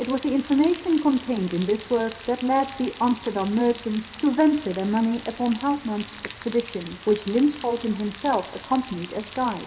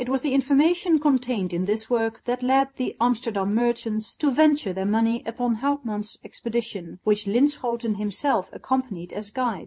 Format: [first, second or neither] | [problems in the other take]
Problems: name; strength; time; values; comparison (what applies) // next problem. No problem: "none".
second | background sound (Rain); 17 dB below the speech // room echo; dies away in 1.3 s